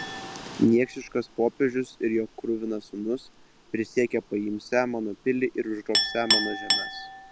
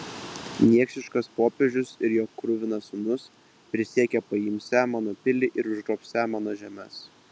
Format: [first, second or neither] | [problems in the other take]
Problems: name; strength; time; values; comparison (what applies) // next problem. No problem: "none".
second | background sound (Chink, clink); 6 dB below the speech